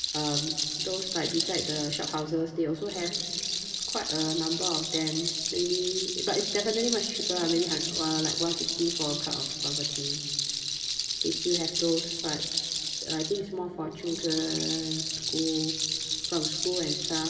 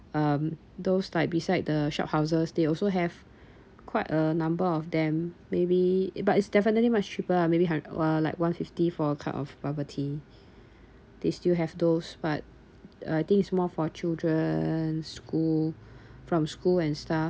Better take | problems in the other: second | background sound (Rattle); as loud as the speech // room echo; dies away in 2.4 s

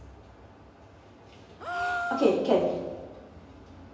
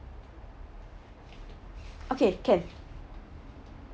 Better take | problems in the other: second | background sound (Gasp); 5 dB below the speech // room echo; dies away in 1 s

